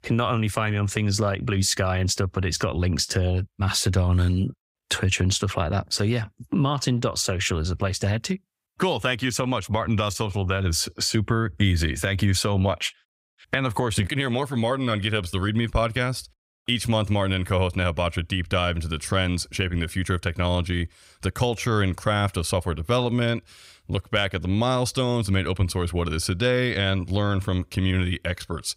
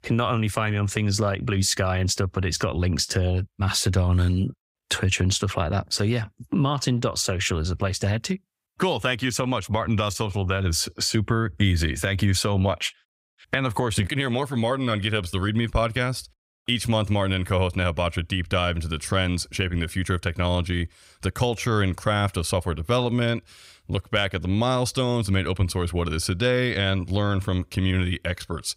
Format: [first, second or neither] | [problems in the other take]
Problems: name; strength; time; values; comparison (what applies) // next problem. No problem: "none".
neither | none